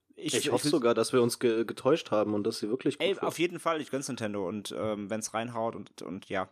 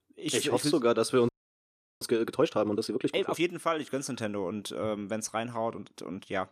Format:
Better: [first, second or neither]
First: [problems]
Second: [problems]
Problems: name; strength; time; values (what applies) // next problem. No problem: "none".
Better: first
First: none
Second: audio freezing; at 1.5 s for 0.5 s